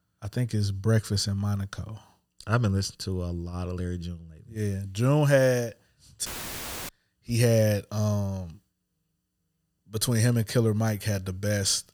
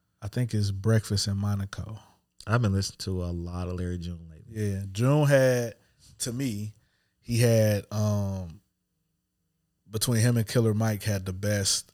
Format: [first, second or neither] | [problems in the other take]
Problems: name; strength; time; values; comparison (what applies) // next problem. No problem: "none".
second | audio cutting out; filled with static; at 6.5 s for 0.5 s